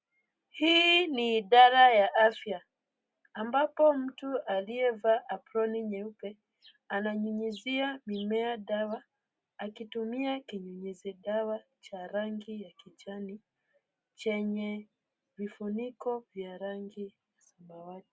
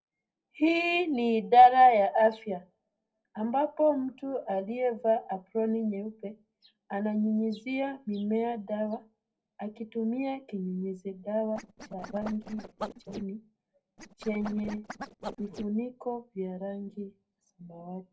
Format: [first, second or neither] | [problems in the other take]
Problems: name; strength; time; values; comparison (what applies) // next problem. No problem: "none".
first | noise reduction (neural separator model SepFormer DNS4)